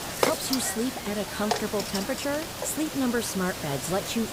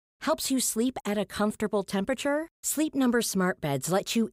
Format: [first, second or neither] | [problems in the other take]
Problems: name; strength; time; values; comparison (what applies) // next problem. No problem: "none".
second | hiss; loud; throughout; 2 dB below the speech